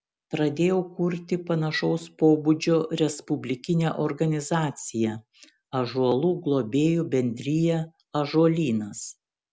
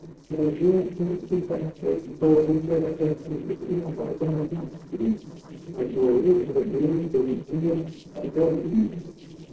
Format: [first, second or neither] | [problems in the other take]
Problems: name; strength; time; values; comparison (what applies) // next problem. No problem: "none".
first | noise reduction (neural separator model SepFormer DNS4)